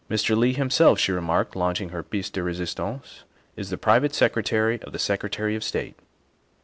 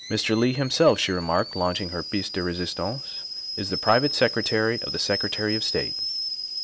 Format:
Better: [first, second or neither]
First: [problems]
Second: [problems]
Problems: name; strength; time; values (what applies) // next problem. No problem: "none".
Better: first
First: none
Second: background sound (Boiling / Alarm); 7 dB below the speech